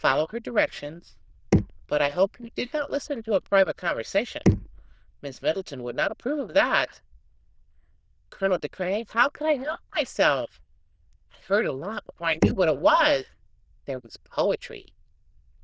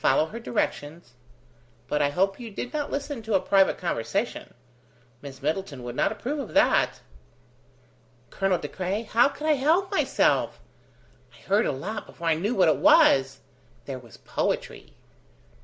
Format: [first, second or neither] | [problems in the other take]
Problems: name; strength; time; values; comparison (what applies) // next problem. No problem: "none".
second | noise reduction (neural diffusion model UNIVERSE++)